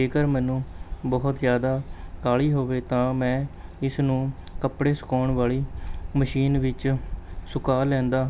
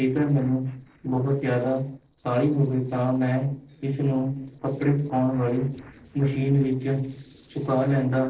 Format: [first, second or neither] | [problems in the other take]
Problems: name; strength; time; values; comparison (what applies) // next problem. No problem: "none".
first | noise reduction (neural separator model SepFormer DNS4)